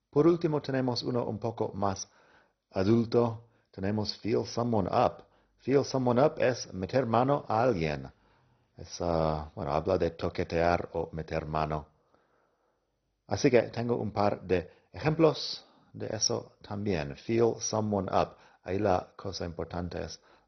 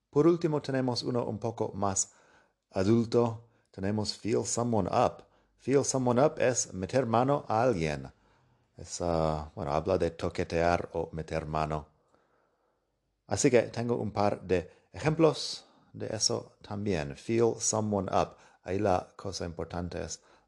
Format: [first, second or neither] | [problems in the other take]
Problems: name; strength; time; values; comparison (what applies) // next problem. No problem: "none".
second | garbled, watery; badly; nothing above 6 kHz